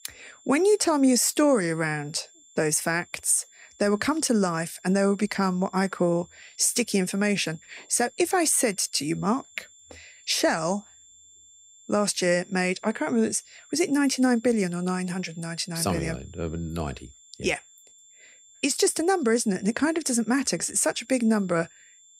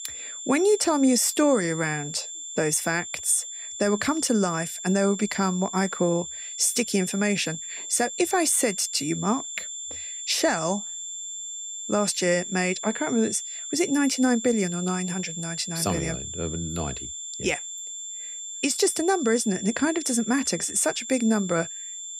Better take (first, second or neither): first